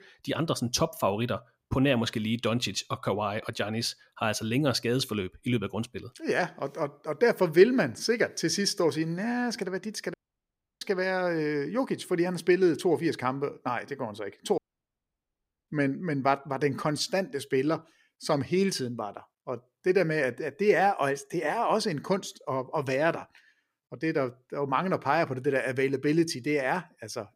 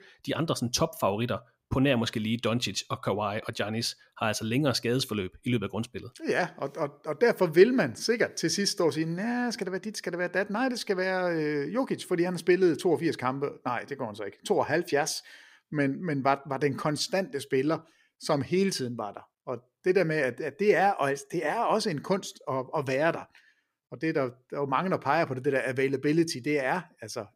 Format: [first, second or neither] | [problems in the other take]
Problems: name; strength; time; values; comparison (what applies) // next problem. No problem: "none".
second | audio cutting out; at 10 s for 0.5 s and at 15 s for 1 s